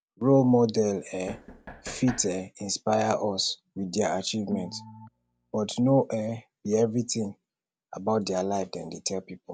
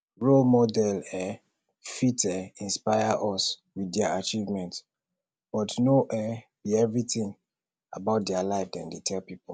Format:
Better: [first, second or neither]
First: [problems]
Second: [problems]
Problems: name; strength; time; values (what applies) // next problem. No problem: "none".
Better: second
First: background sound (Knock + Organ); 14 dB below the speech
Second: none